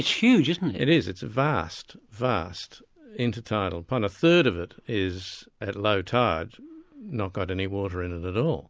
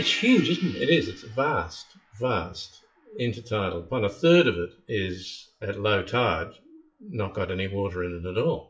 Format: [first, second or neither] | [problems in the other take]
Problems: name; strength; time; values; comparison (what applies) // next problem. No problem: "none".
first | noise reduction (classical method WPE with log-MMSE)